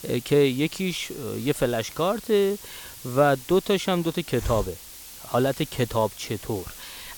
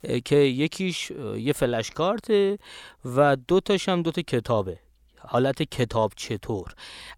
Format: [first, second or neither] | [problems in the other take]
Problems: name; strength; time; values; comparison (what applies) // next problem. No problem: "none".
second | hiss; noticeable; throughout; 15 dB below the speech